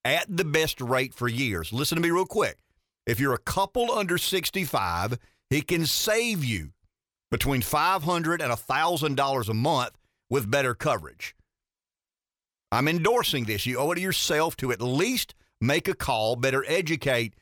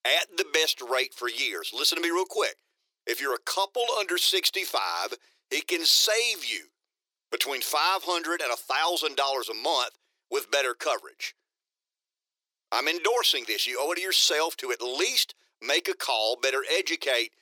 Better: first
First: none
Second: thin; very; fading below 350 Hz

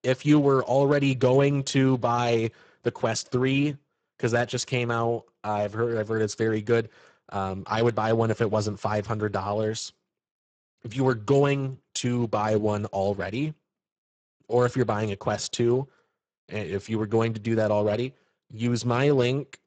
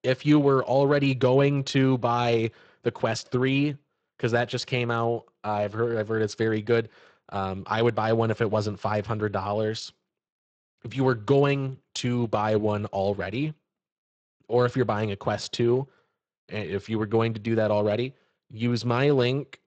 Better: second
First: garbled, watery; badly; nothing above 8 kHz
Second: garbled, watery; slightly; nothing above 8 kHz

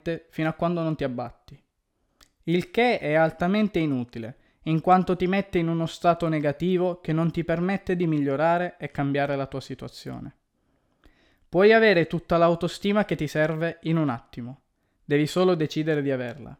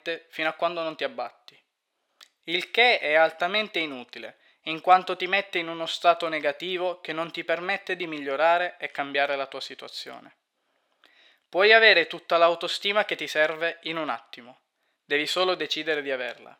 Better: first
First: none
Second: thin; very; fading below 600 Hz

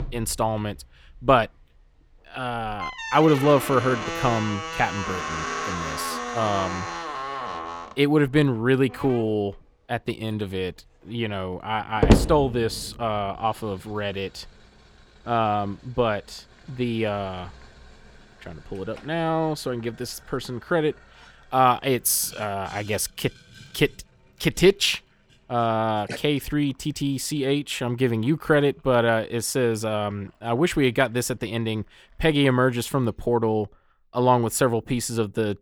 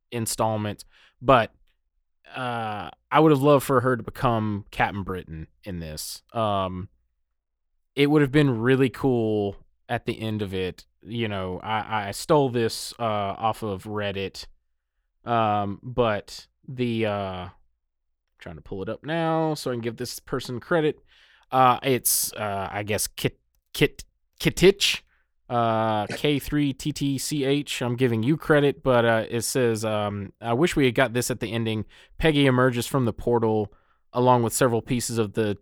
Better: second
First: household noises; loud; throughout; 5 dB below the speech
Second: none

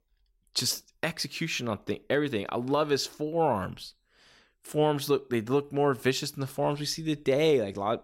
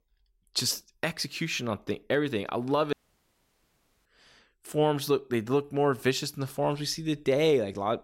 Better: first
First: none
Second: audio cutting out; at 3 s for 1 s

